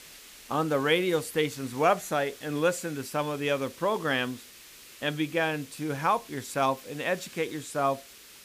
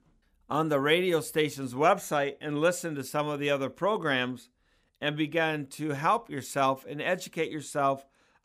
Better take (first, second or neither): second